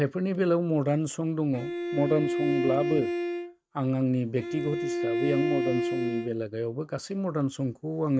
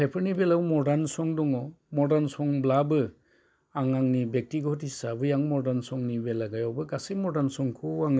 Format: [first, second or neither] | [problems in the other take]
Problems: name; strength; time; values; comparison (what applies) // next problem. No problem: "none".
second | noise reduction (neural mask model RNNoise)